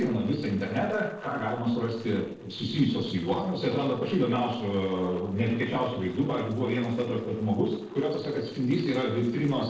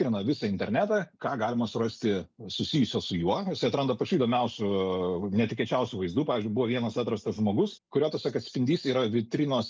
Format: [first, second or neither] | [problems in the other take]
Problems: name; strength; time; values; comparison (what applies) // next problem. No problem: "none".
second | noise reduction (neural separator model SepFormer DNS4)